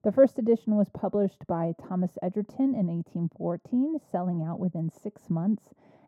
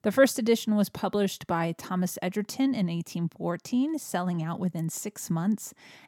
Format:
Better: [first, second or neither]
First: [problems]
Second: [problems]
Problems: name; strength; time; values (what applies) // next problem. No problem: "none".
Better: second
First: muffled; very; fading above 1.5 kHz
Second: none